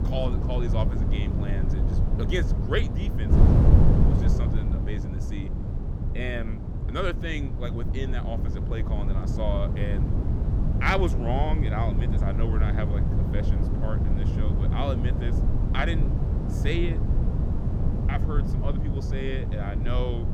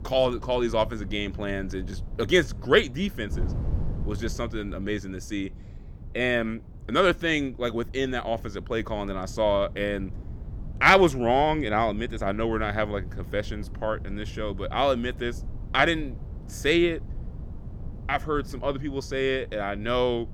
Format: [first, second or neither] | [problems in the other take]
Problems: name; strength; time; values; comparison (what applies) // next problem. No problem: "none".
second | wind noise on the microphone; heavy; 4 dB below the speech; occasional gusts in the second